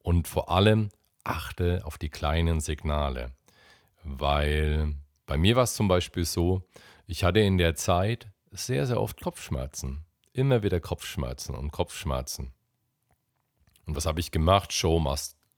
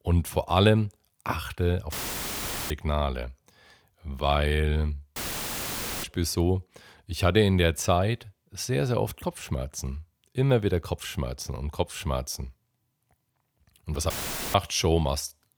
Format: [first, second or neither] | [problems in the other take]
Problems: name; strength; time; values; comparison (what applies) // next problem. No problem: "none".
first | audio cutting out; filled with static; at 2 s for 1 s, at 5 s for 1 s and at 14 s